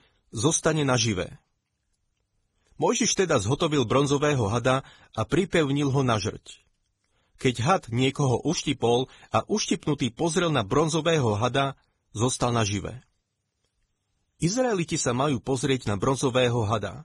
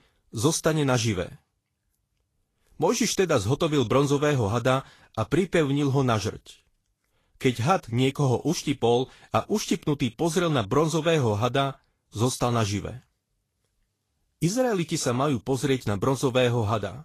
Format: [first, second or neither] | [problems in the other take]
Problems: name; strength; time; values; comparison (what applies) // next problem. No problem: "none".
second | garbled, watery; badly; slightly in the second